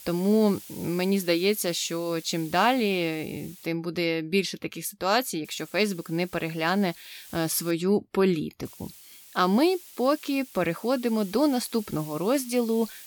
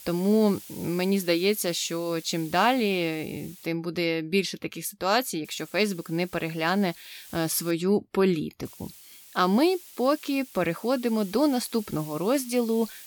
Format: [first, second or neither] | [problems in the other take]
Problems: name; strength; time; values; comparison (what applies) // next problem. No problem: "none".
neither | hiss; noticeable; until 3.5 s, from 5.5 to 7.5 s and from 8.5 s on; 20 dB below the speech; the same in both